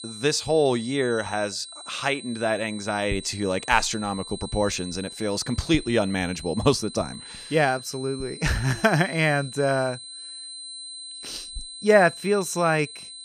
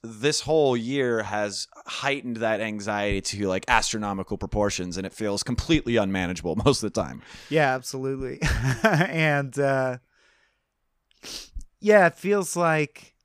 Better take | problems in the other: second | high-pitched whine; noticeable; throughout; 4 kHz, 15 dB below the speech

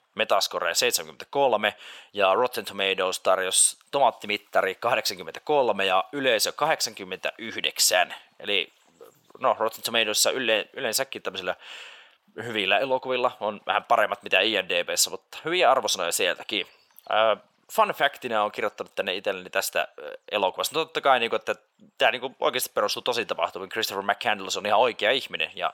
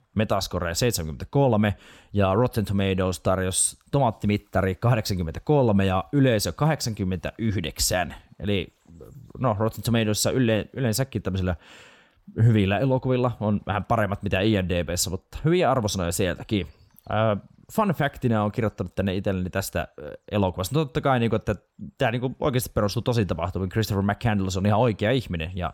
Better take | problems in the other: second | thin; very; fading below 650 Hz

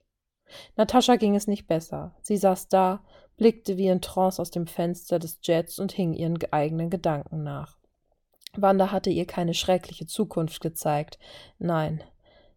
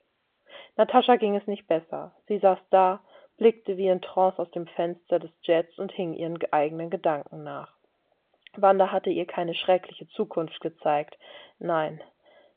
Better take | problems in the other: first | phone-call audio; nothing above 3.5 kHz

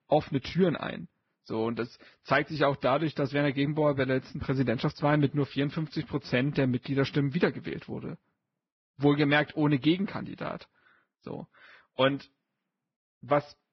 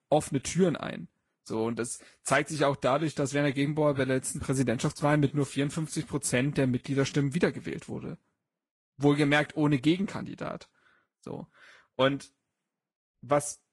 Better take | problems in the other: second | garbled, watery; badly; nothing above 5.5 kHz; slightly in the second

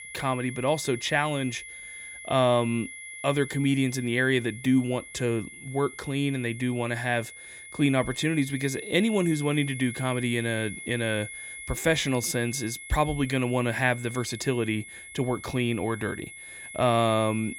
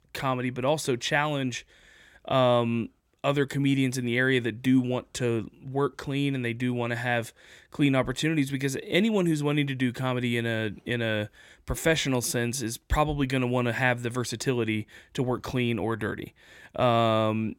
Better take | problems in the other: second | high-pitched whine; noticeable; throughout; 2 kHz, 15 dB below the speech

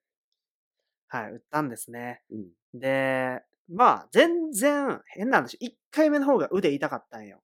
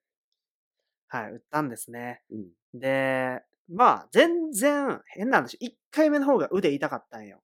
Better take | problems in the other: neither | none

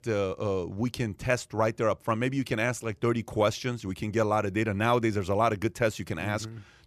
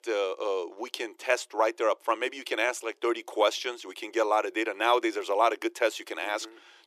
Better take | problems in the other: first | thin; very; fading below 350 Hz

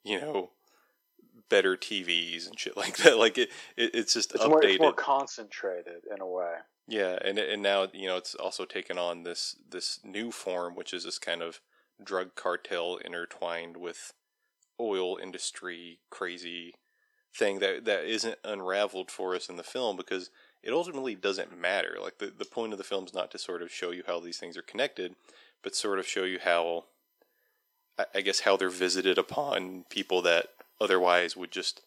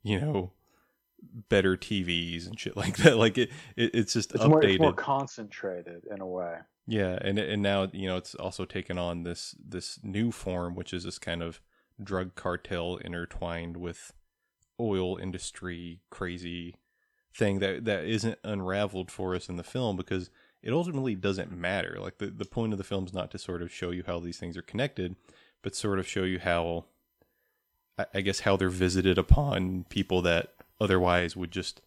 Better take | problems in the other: second | thin; somewhat; fading below 350 Hz

